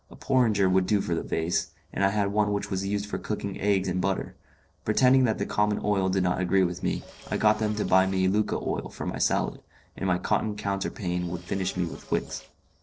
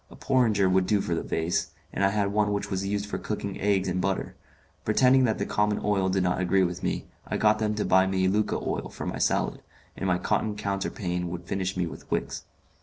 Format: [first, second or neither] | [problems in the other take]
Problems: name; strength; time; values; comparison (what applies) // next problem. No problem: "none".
second | noise reduction (neural separator model SepFormer DNS4)